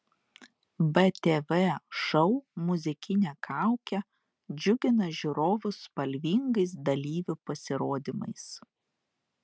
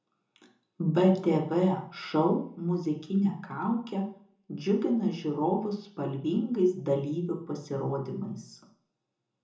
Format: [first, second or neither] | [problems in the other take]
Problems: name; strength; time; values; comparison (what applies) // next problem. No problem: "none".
first | room echo; dies away in 0.5 s